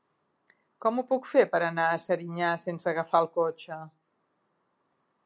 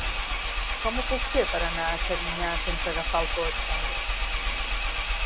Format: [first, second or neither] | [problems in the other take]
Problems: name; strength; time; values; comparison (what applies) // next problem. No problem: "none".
first | background sound (Engine); 5 dB above the speech